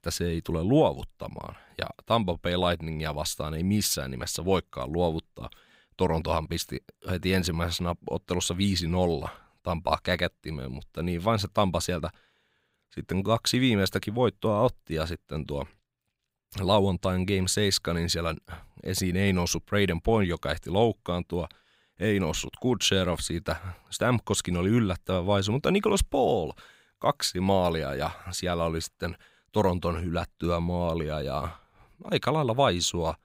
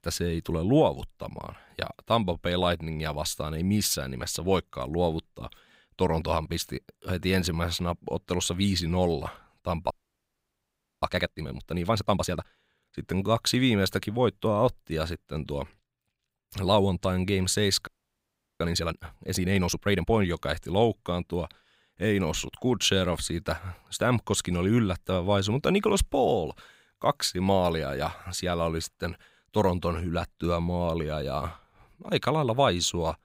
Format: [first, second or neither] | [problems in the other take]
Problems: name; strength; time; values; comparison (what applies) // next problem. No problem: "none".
first | audio freezing; at 10 s for 1 s and at 18 s for 0.5 s